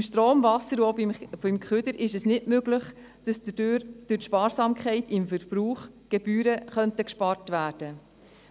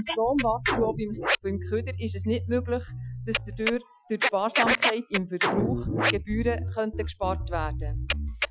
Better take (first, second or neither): first